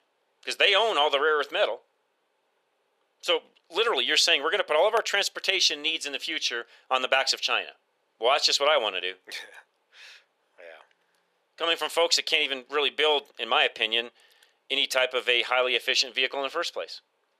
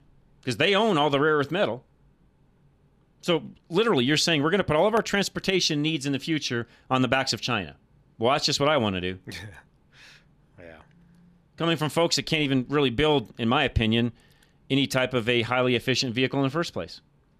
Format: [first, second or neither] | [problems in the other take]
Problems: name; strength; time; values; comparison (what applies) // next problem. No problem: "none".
second | thin; very; fading below 500 Hz